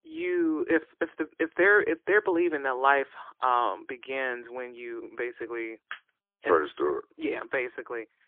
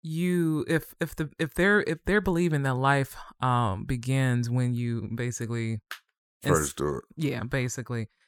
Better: second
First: phone-call audio; poor line; nothing above 3.5 kHz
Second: none

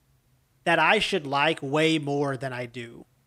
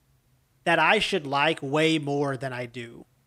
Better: neither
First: none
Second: none

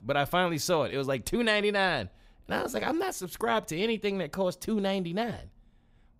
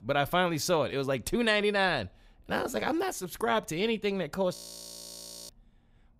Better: first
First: none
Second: audio freezing; at 4.5 s for 1 s

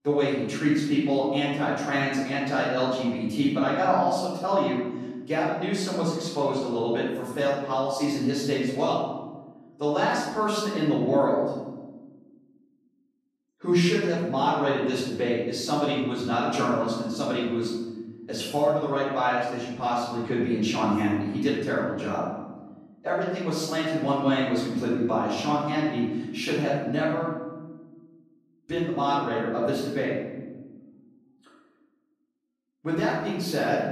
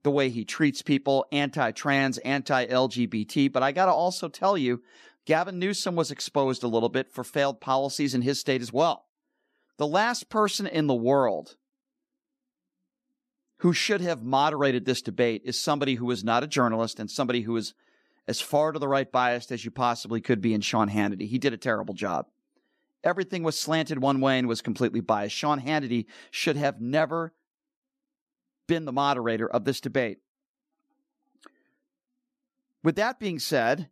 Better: second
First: off-mic speech; far // room echo; noticeable; dies away in 1.2 s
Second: none

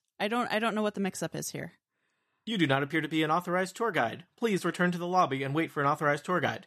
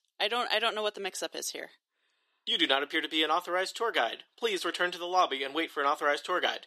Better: first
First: none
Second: thin; very; fading below 350 Hz

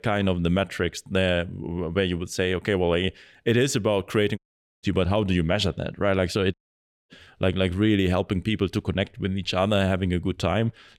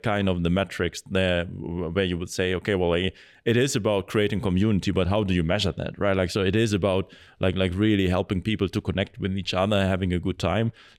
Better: second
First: audio cutting out; at 4.5 s and at 6.5 s for 0.5 s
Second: none

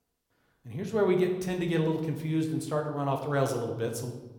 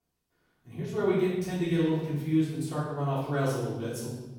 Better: first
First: room echo; slight; dies away in 0.9 s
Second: room echo; strong; dies away in 1.1 s // off-mic speech; far

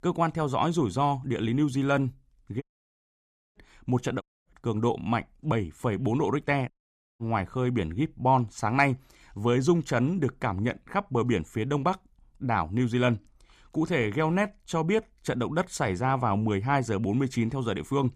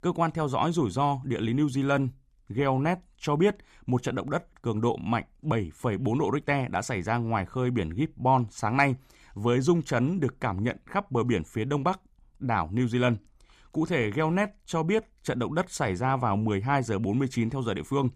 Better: second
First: audio cutting out; at 2.5 s for 1 s, at 4 s and at 6.5 s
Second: none

